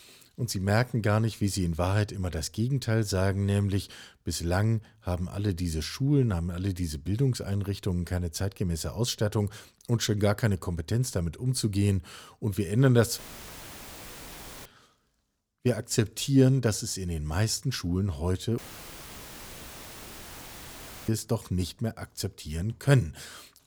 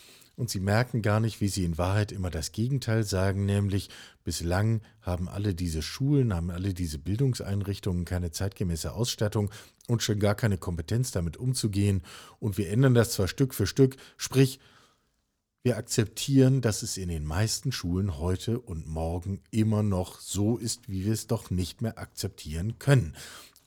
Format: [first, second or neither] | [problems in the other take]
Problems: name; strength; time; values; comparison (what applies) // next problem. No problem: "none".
second | audio cutting out; filled with static; at 13 s for 1.5 s and at 19 s for 2.5 s